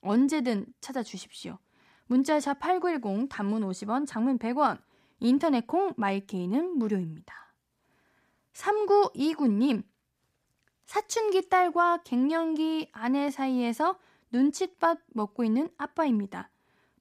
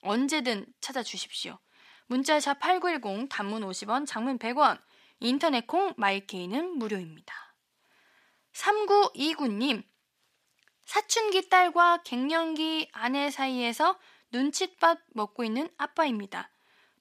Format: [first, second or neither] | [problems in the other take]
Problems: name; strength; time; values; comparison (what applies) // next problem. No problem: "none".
first | thin; very slightly; fading below 700 Hz